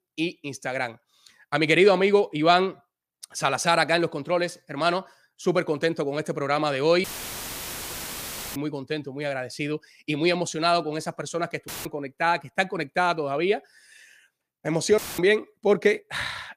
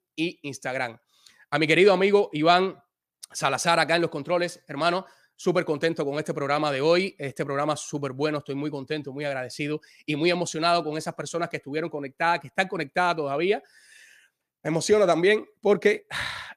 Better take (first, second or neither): second